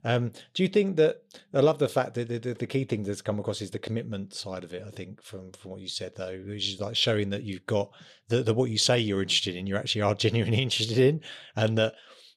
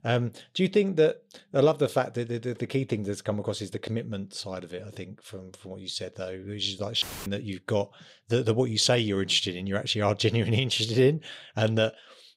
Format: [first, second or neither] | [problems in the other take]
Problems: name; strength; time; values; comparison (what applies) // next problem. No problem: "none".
first | audio cutting out; filled with static; at 7 s